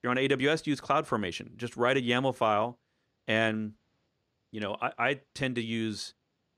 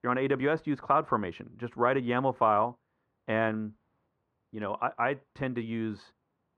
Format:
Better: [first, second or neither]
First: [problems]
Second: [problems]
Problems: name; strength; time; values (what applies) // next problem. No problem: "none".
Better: first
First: none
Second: muffled; very; fading above 3.5 kHz